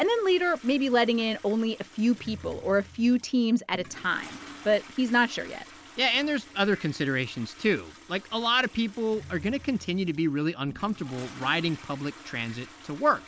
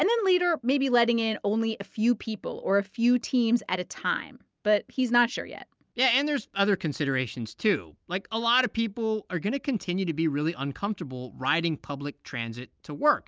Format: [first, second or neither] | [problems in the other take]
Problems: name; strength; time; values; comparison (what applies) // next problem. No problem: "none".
second | background sound (Toilet flush); 20 dB below the speech